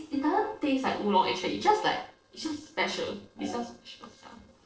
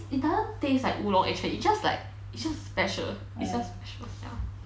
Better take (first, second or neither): second